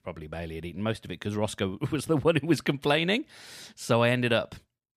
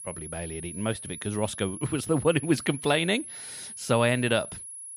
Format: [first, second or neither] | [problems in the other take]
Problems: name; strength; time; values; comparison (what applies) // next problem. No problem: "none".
first | high-pitched whine; noticeable; throughout; 10.5 kHz, 10 dB below the speech